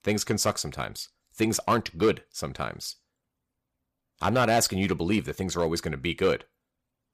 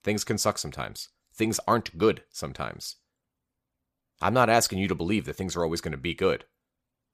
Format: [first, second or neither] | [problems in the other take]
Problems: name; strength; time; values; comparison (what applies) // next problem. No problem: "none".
second | distortion; slight; 2% of the sound clipped